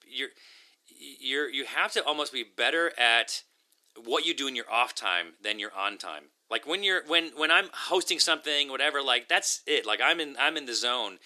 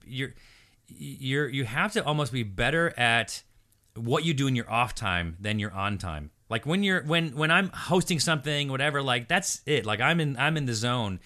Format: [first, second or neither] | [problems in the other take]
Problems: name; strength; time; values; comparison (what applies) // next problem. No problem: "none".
second | thin; very; fading below 300 Hz